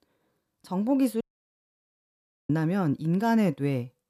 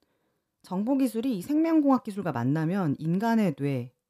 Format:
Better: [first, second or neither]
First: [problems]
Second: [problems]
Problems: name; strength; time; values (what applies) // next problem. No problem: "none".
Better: second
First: audio cutting out; at 1 s for 1.5 s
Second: none